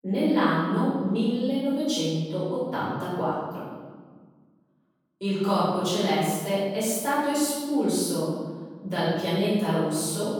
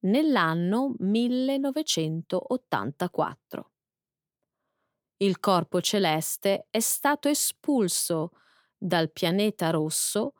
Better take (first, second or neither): second